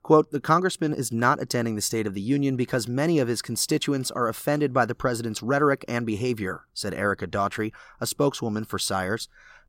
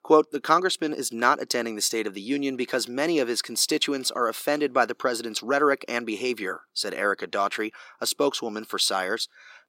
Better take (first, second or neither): first